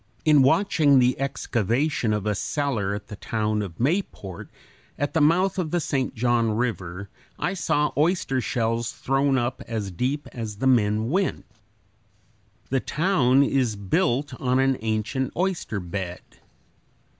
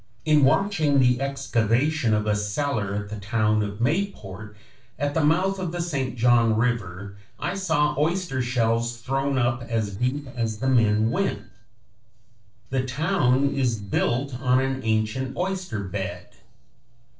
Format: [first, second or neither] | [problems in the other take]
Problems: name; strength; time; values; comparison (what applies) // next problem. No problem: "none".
first | noise reduction (neural separator model SepFormer DNS4)